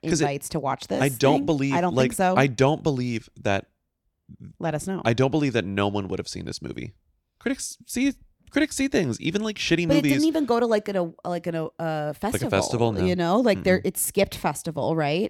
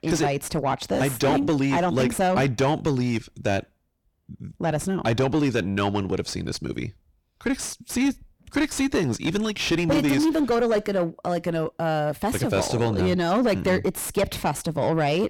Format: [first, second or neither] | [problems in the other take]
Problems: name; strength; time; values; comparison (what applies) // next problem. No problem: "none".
first | distortion; heavy; 7 dB below the speech